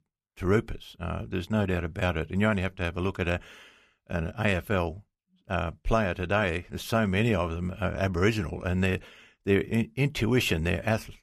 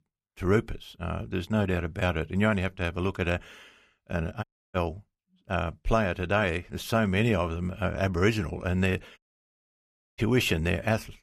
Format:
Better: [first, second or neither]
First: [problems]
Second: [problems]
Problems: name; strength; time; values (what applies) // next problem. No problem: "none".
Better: first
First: none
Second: audio cutting out; at 4.5 s and at 9 s for 1 s